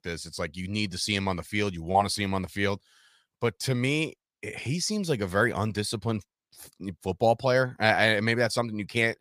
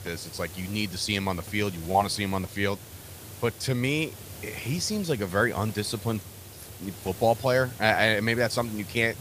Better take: first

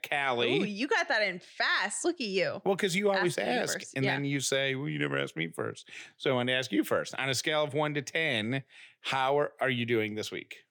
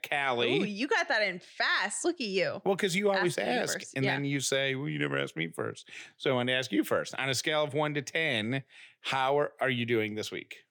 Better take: neither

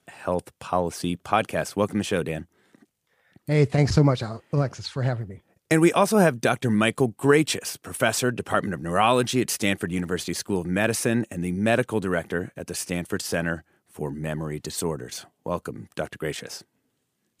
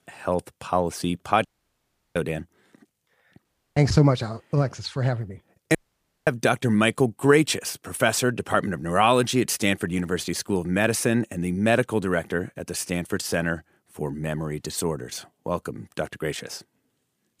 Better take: first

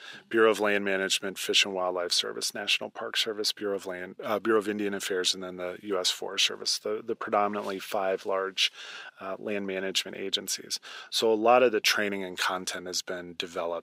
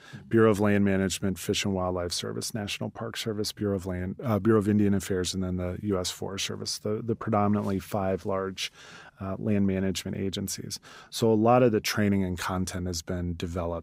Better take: second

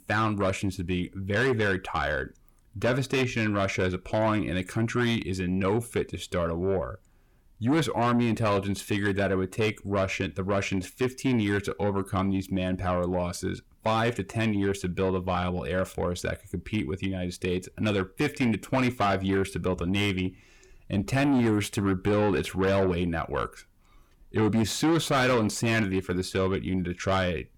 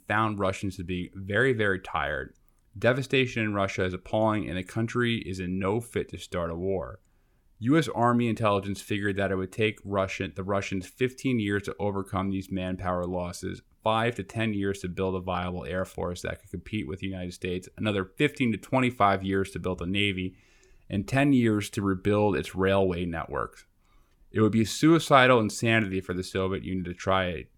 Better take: second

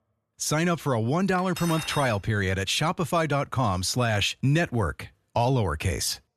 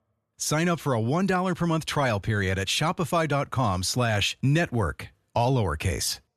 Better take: second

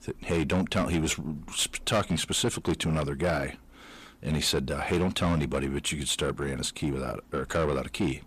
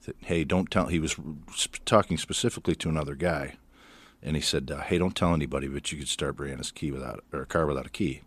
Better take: second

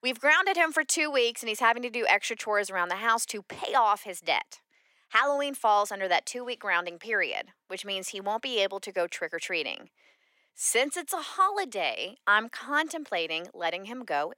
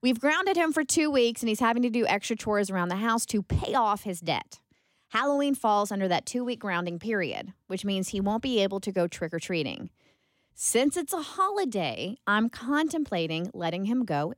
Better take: second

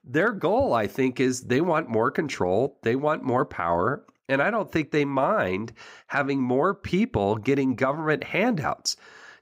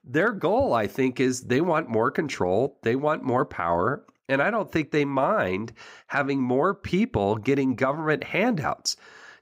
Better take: neither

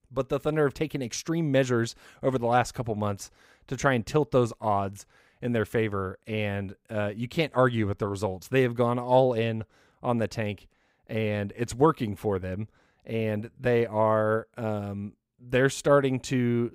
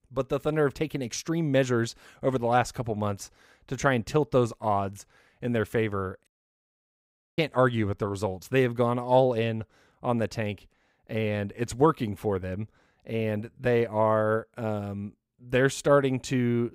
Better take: first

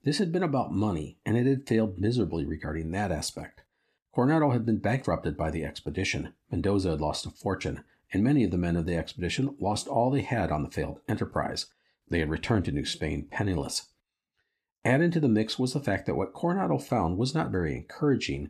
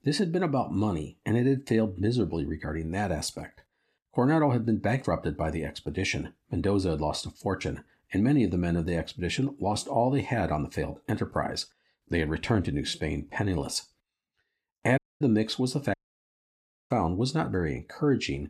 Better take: first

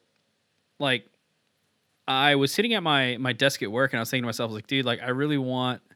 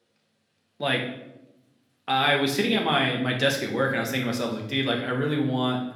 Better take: first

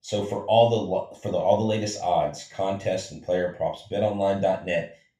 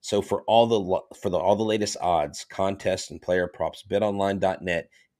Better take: second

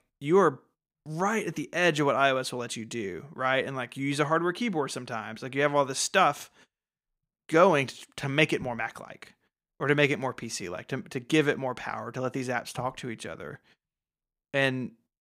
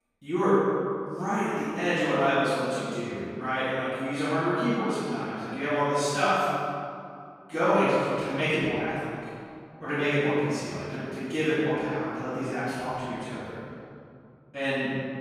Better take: first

